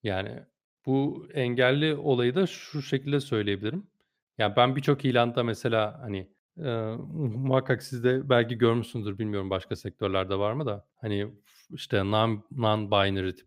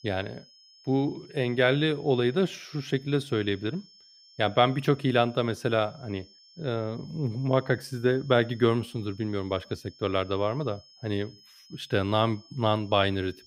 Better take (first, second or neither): first